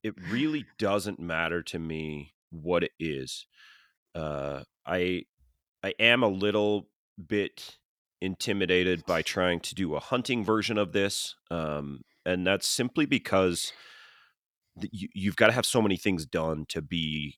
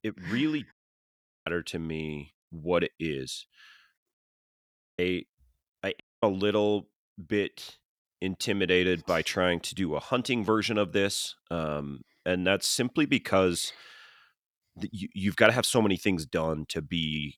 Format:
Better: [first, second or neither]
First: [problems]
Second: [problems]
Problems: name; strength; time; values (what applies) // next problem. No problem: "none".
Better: first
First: none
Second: audio cutting out; at 0.5 s for 0.5 s, at 4 s for 1 s and at 6 s